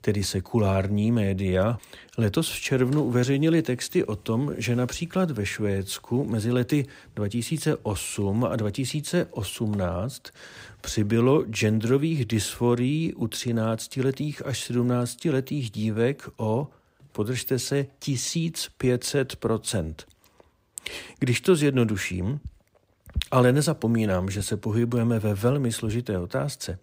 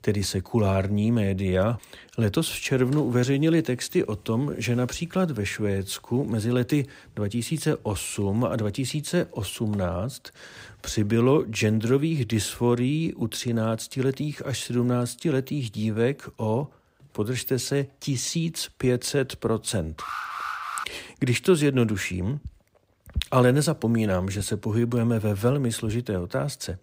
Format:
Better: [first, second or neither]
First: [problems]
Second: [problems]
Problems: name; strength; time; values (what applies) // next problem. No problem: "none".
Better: first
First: none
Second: alarm; noticeable; at 20 s; peak 5 dB below the speech